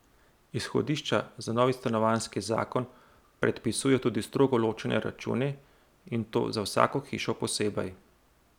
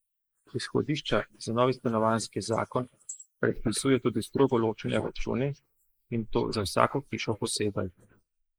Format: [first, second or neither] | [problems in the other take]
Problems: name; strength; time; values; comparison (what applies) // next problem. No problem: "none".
first | noise reduction (neural mask model Resemble Enhance denoiser)